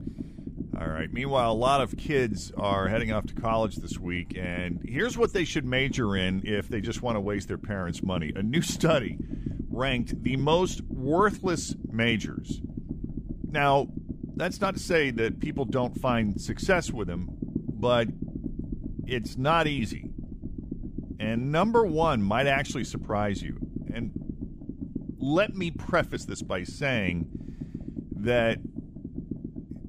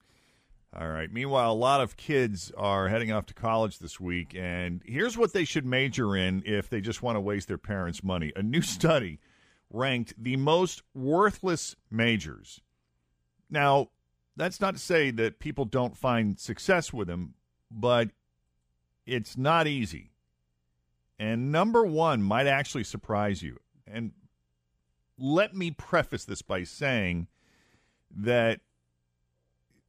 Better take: second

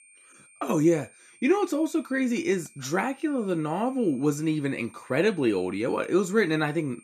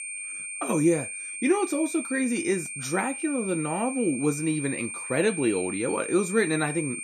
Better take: first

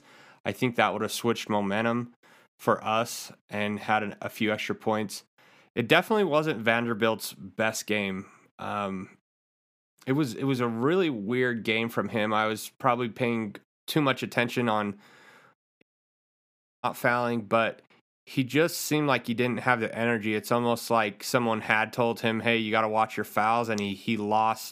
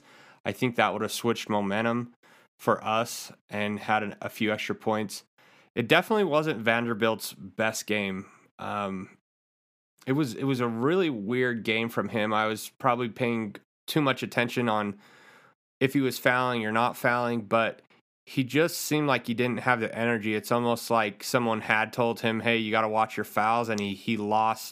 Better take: second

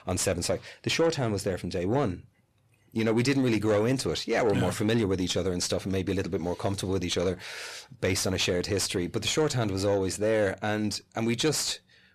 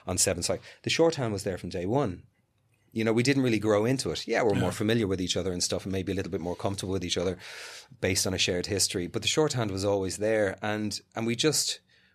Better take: second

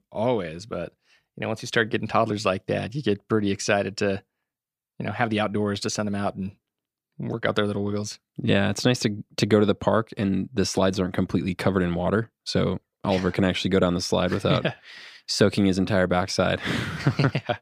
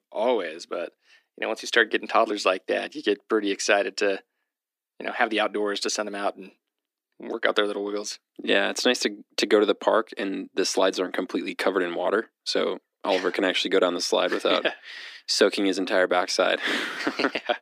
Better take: first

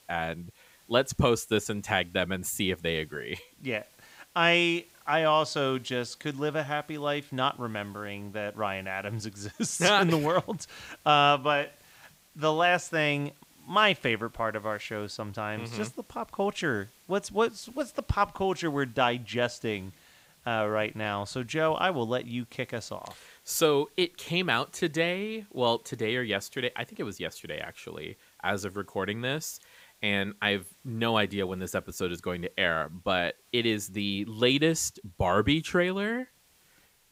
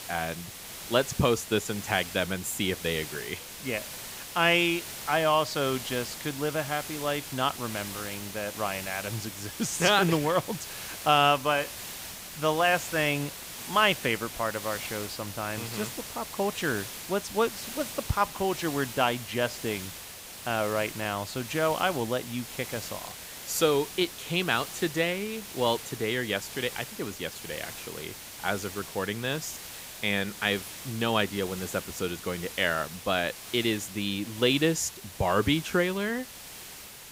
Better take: first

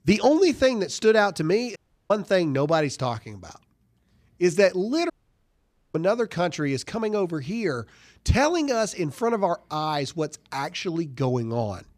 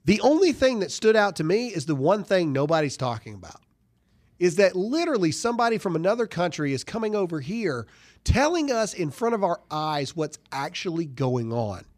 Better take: second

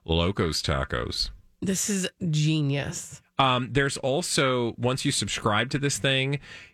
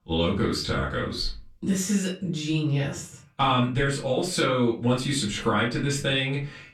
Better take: first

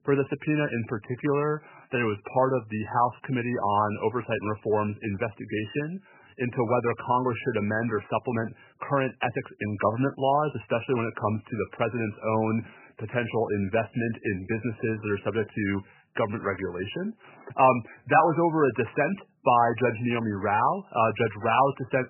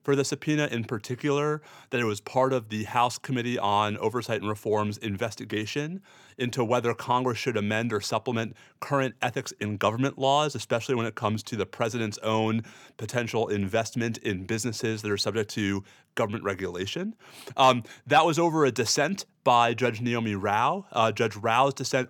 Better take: second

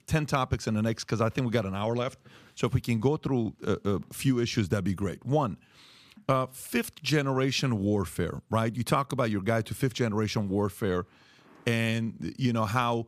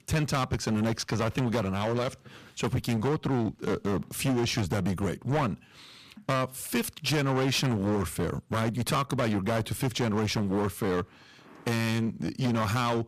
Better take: first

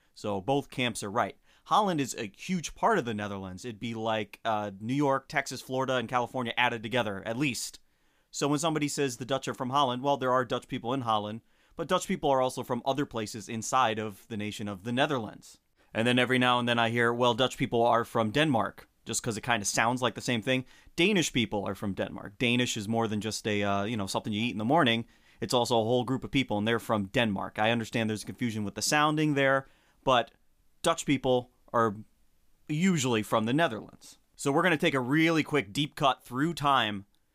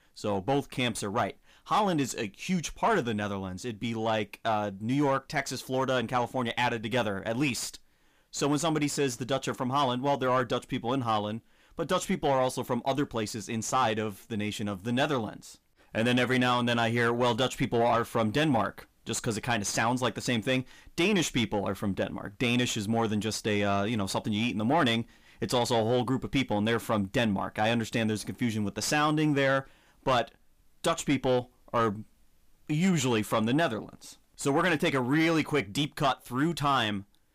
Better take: first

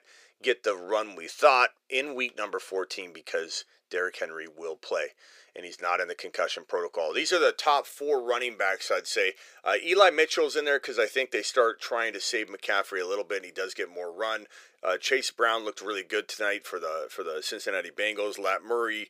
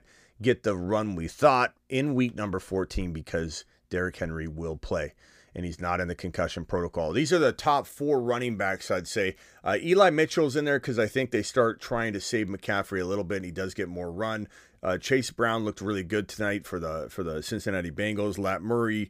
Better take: second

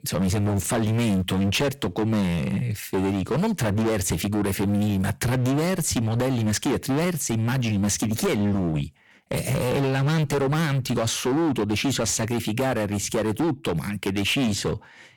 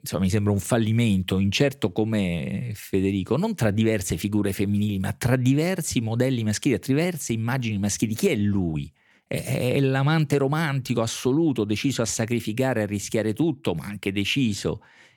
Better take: second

